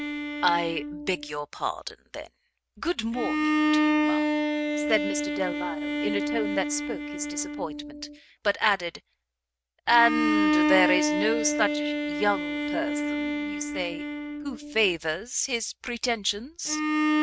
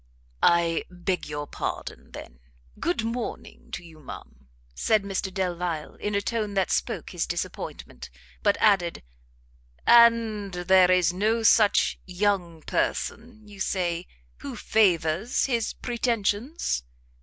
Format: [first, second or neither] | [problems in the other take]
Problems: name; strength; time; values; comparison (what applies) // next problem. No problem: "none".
second | noise reduction (neural mask model RNNoise)